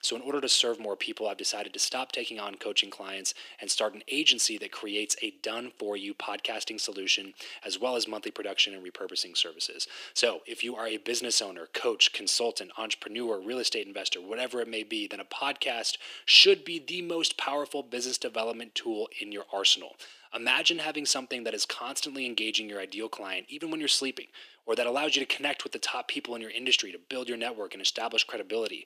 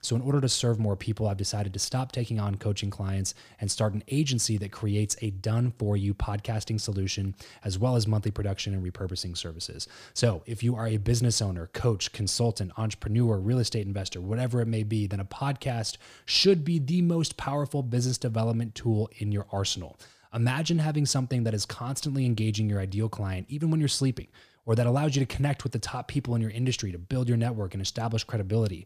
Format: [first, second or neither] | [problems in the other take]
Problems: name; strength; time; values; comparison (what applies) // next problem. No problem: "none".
second | thin; very; fading below 300 Hz